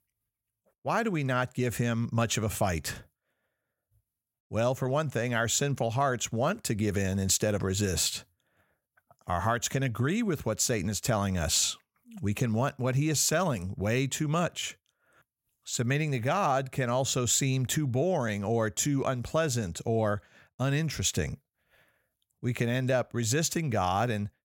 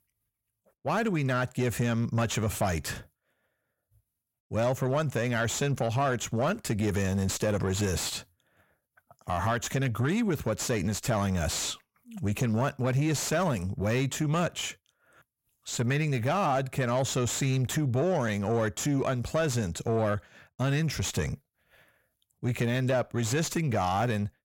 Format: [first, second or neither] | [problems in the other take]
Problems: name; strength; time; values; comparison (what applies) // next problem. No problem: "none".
first | distortion; slight; 10 dB below the speech